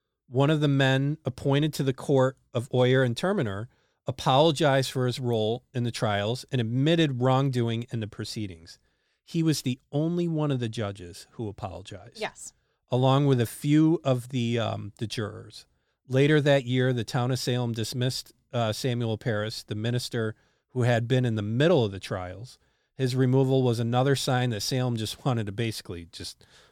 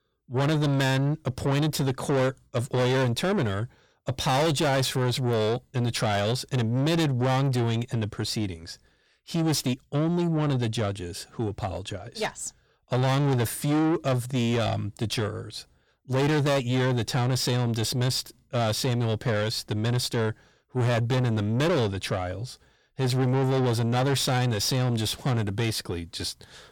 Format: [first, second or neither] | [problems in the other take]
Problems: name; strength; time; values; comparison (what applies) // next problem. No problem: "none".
first | distortion; heavy; 7 dB below the speech